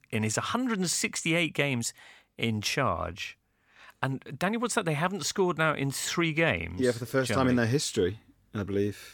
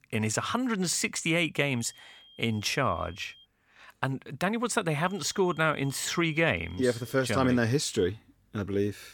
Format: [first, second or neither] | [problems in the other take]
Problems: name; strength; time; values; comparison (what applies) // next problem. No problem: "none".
first | high-pitched whine; faint; from 2 to 3.5 s and from 5 to 7.5 s; 3 kHz, 25 dB below the speech